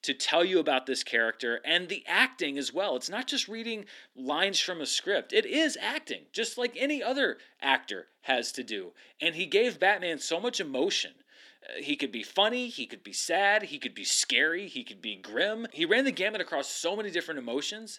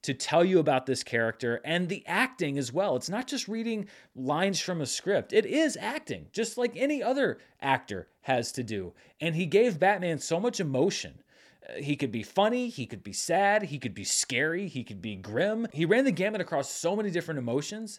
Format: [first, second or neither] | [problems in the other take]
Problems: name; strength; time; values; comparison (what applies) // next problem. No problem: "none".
second | thin; very slightly; fading below 250 Hz